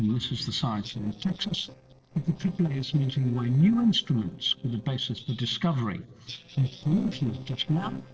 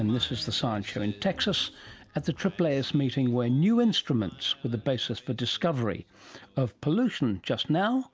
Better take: second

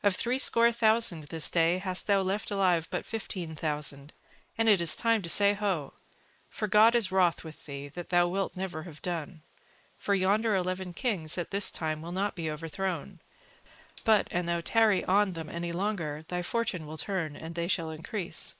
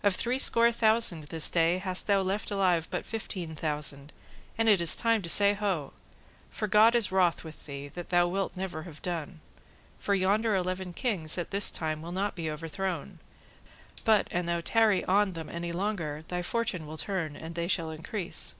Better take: second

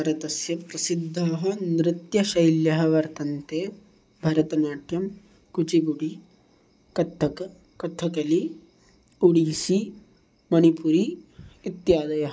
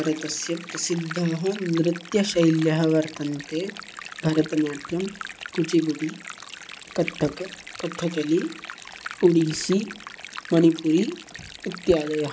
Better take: first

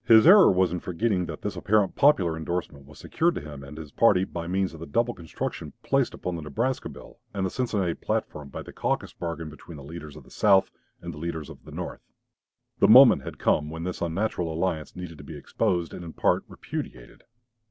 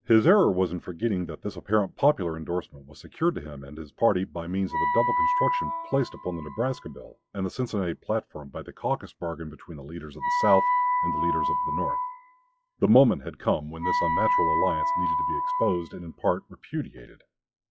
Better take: first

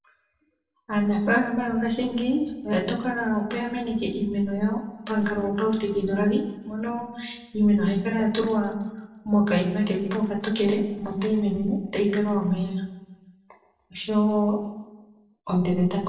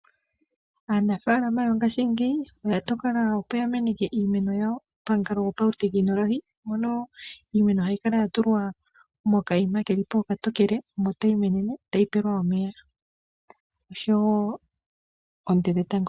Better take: second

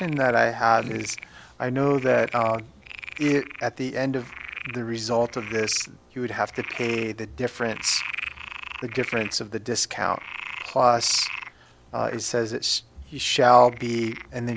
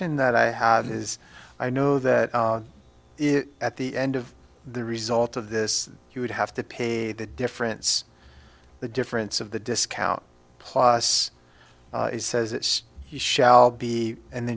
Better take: second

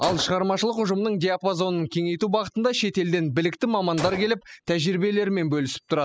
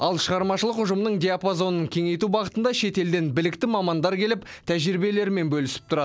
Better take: second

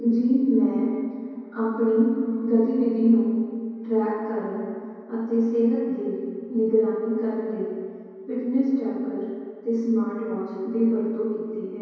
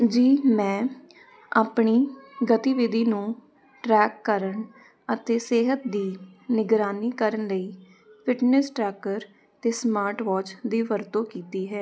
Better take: second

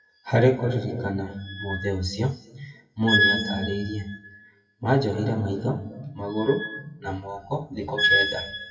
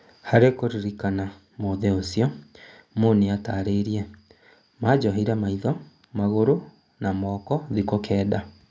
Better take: second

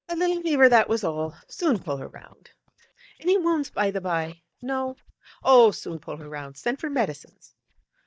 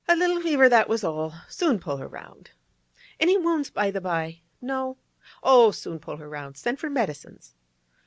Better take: second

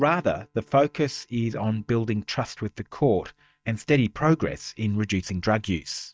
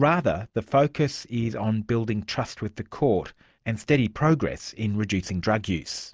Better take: second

